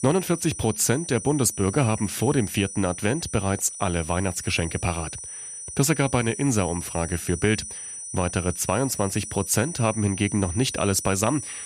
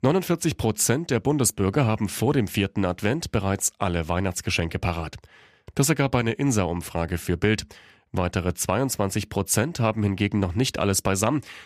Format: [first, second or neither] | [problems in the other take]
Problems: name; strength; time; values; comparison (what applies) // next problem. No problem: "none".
second | high-pitched whine; loud; throughout; 9.5 kHz, 9 dB below the speech